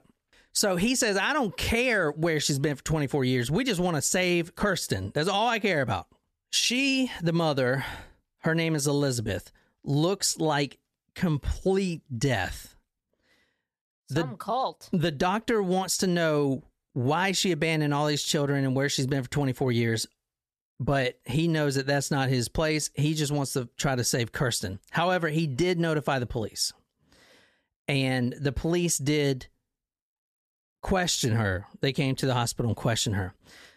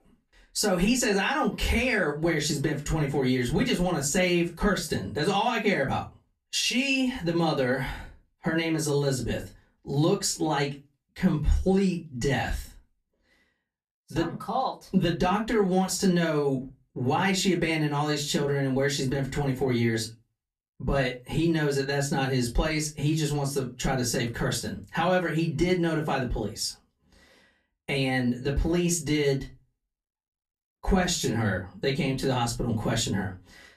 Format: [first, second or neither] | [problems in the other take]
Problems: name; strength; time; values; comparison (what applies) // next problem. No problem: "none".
first | off-mic speech; far // room echo; very slight; dies away in 0.2 s